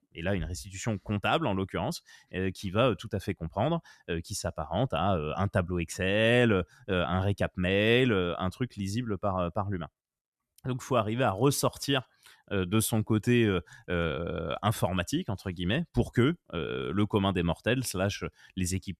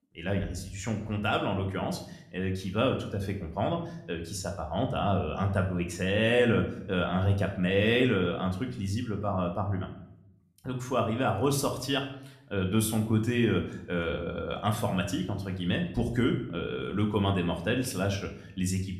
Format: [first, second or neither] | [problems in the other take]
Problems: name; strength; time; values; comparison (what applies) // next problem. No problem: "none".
first | room echo; slight; dies away in 0.5 s